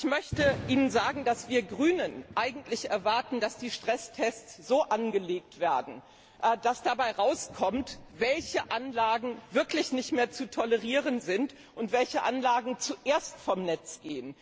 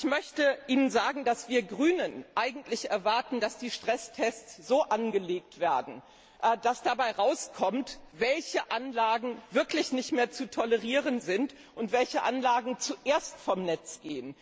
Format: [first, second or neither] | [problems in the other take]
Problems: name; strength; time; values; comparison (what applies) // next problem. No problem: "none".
second | background sound (Thunder); 19 dB below the speech